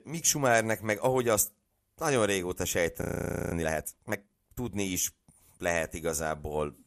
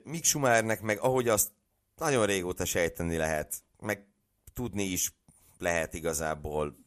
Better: second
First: audio freezing; at 3 s for 0.5 s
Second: none

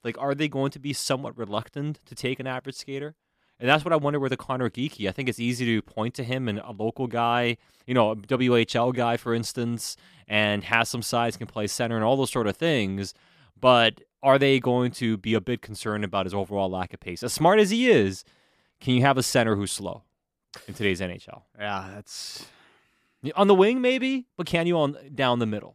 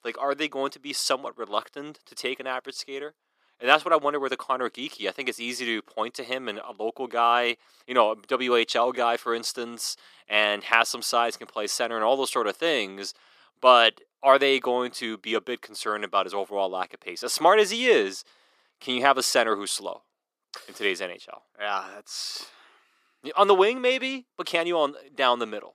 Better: first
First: none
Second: thin; somewhat; fading below 350 Hz

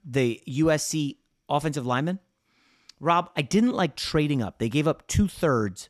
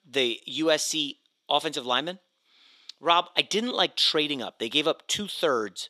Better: first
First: none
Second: thin; somewhat; fading below 450 Hz

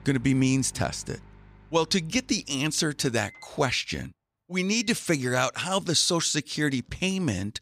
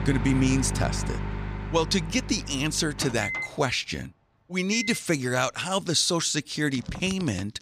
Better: first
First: household noises; faint; throughout; 25 dB below the speech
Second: household noises; loud; throughout; 8 dB below the speech

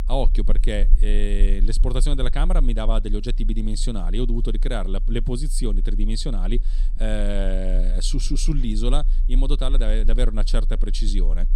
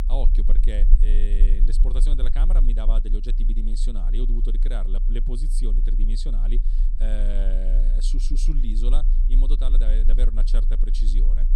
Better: first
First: low rumble; faint; throughout; 20 dB below the speech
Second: low rumble; loud; throughout; 10 dB below the speech

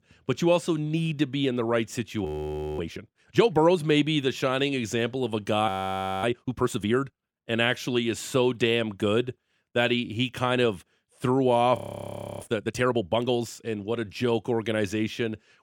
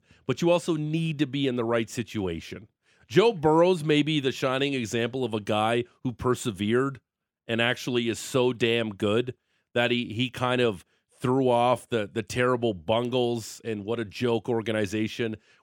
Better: second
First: audio freezing; at 2.5 s for 0.5 s, at 5.5 s for 0.5 s and at 12 s for 0.5 s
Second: none

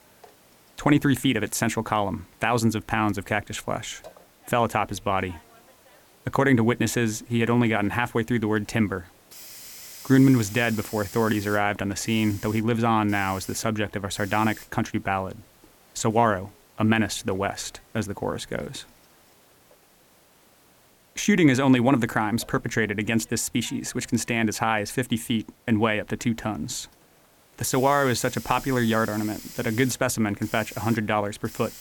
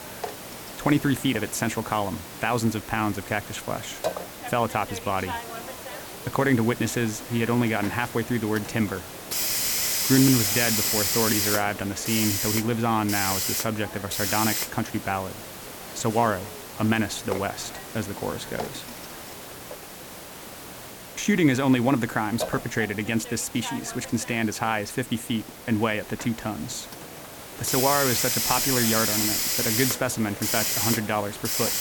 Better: first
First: hiss; faint; throughout; 20 dB below the speech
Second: hiss; loud; throughout; 1 dB below the speech

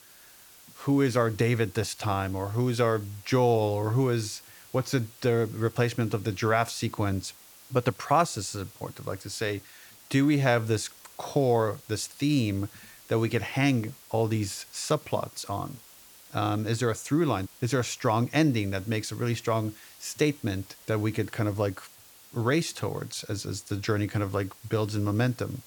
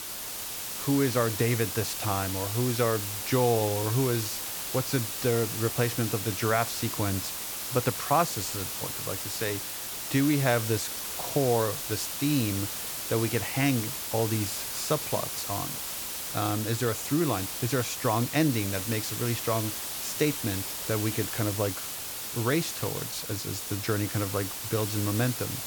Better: first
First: hiss; faint; throughout; 20 dB below the speech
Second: hiss; loud; throughout; 3 dB below the speech

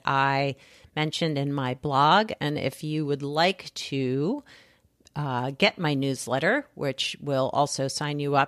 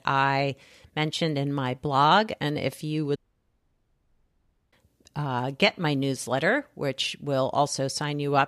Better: first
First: none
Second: audio cutting out; at 3 s for 1.5 s

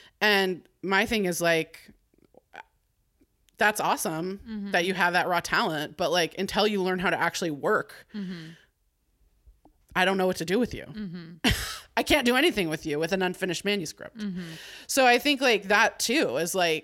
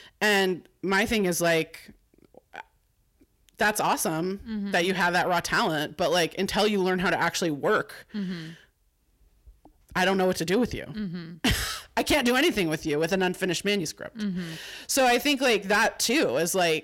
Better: first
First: none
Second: distortion; slight; 10 dB below the speech

